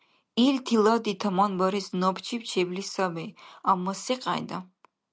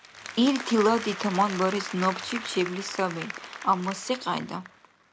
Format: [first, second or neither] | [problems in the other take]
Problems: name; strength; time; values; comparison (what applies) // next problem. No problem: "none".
first | background sound (Applause); 11 dB below the speech